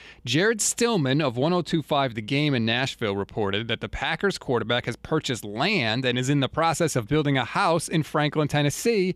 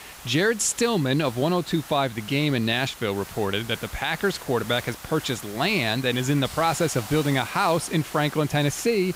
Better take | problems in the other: first | hiss; noticeable; throughout; 15 dB below the speech

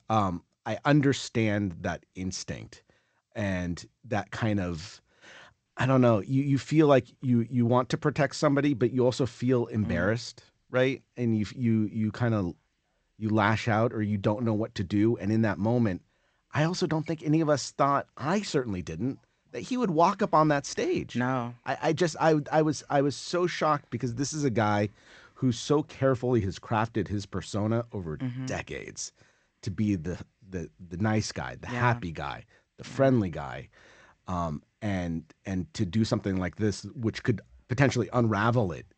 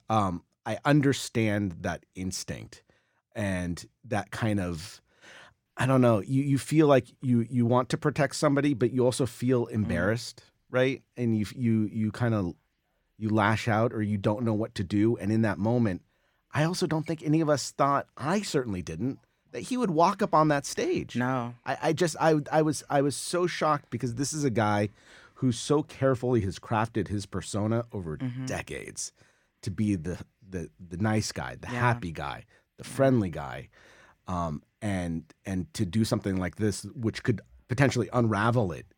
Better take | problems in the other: second | garbled, watery; slightly; nothing above 8 kHz

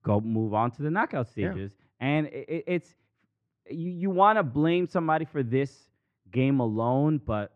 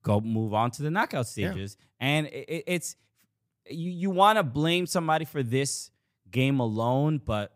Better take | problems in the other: second | muffled; very; fading above 1.5 kHz

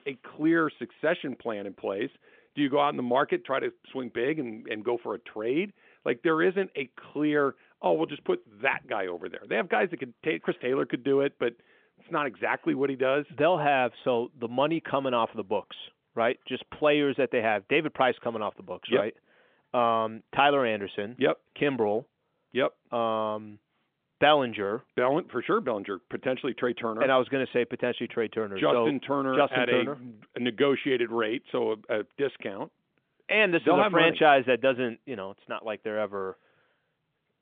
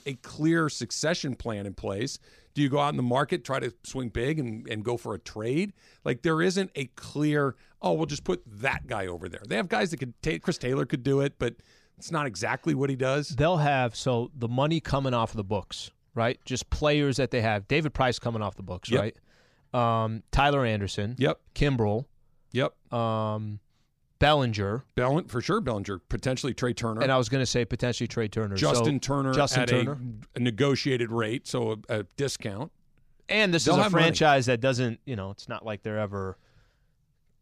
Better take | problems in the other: second | phone-call audio; nothing above 3.5 kHz

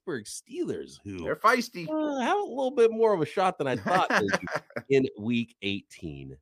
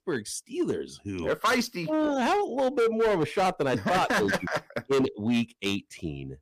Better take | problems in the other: first | distortion; heavy; 11% of the sound clipped

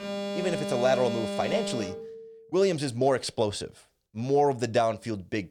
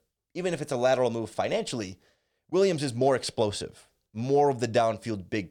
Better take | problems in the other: second | alarms or sirens; loud; until 2 s; 6 dB below the speech

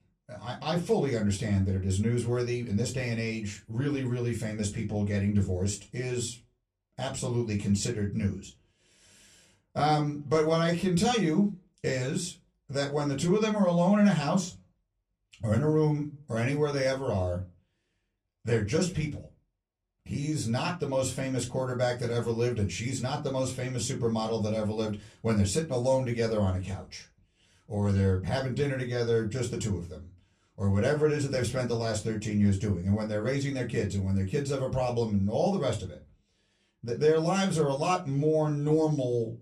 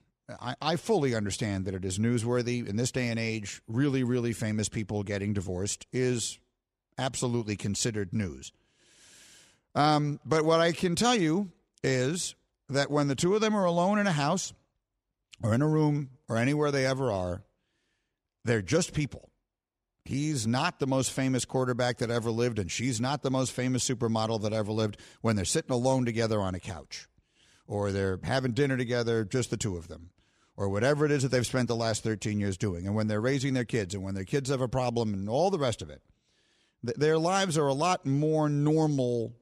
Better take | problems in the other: second | off-mic speech; somewhat distant // room echo; very slight; dies away in 0.2 s

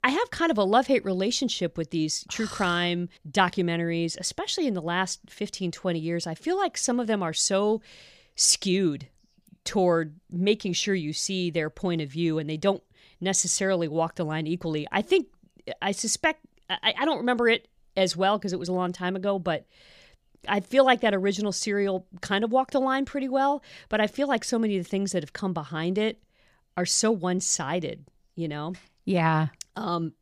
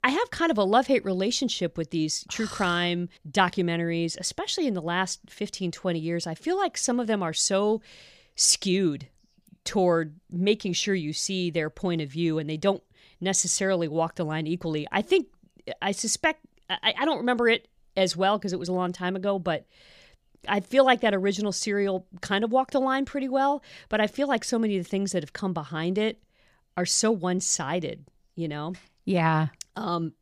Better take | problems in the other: neither | none

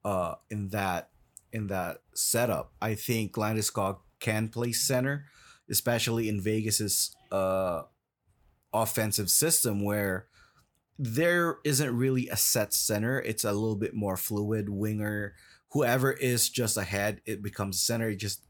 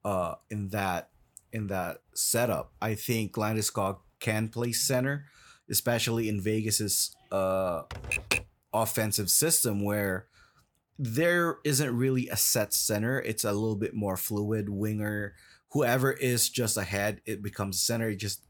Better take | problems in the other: first | keyboard typing; loud; at 8 s; peak level with the speech

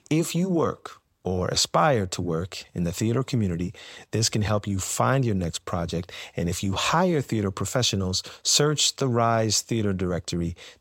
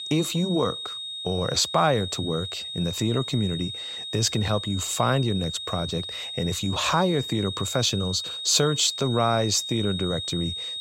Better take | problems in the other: first | high-pitched whine; loud; throughout; 3.5 kHz, 6 dB below the speech

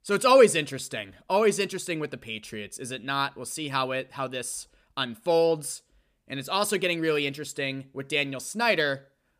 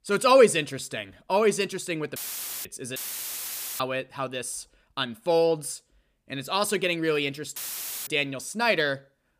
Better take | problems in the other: first | audio cutting out; filled with static; at 2 s, at 3 s for 1 s and at 7.5 s for 0.5 s

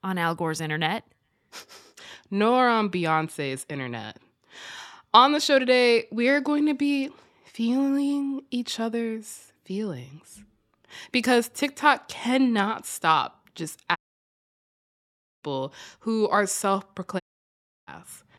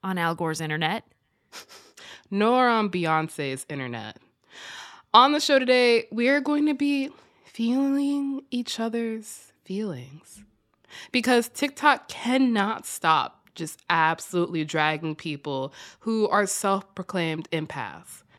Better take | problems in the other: second | audio cutting out; at 14 s for 1.5 s and at 17 s for 0.5 s

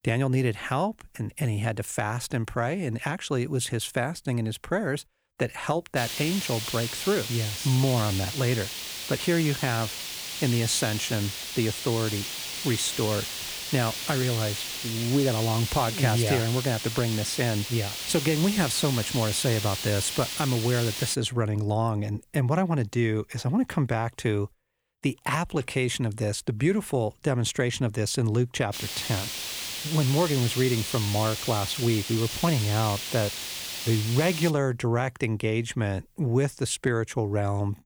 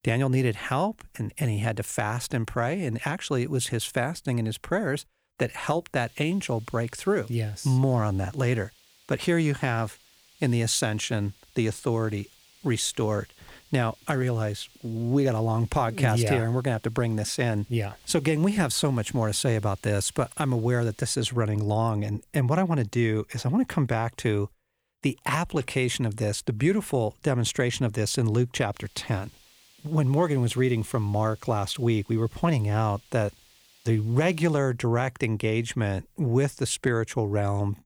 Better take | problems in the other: second | hiss; loud; from 6 to 21 s and from 29 to 35 s; 4 dB below the speech; faint in the second

